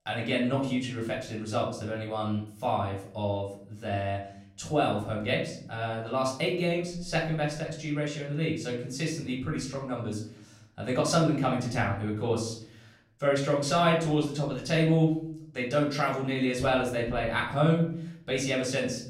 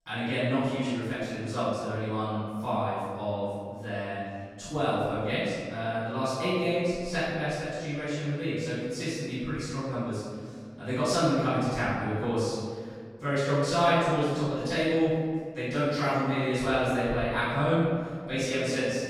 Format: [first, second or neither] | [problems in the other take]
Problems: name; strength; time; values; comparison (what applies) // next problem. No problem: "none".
first | room echo; strong; dies away in 2 s; slight in the first // off-mic speech; far; far in the first